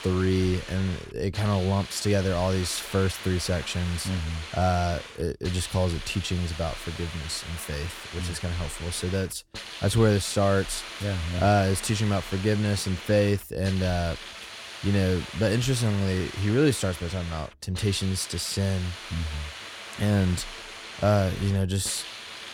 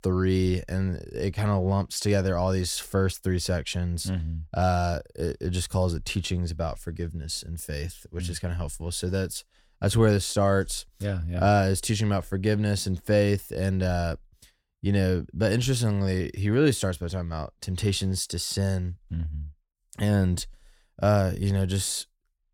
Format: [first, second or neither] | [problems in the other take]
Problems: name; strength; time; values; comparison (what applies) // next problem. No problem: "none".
second | hiss; noticeable; throughout; 10 dB below the speech